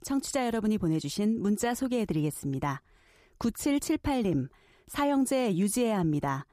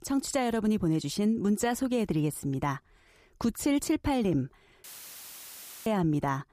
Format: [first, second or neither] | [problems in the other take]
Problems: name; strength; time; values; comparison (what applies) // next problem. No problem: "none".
first | audio cutting out; filled with static; at 5 s for 1 s